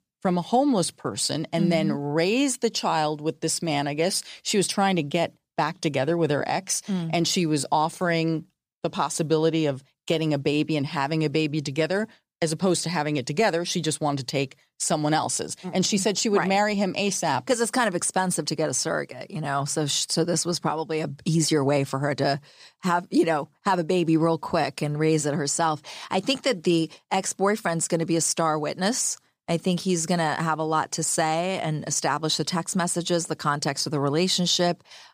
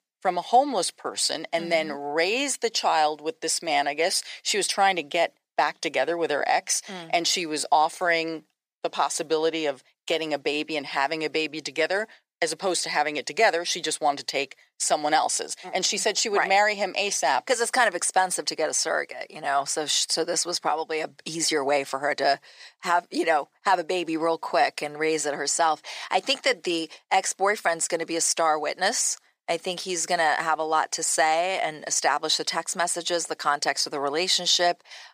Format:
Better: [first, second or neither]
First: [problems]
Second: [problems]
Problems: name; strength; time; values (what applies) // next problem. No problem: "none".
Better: first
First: none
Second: thin; very; fading below 500 Hz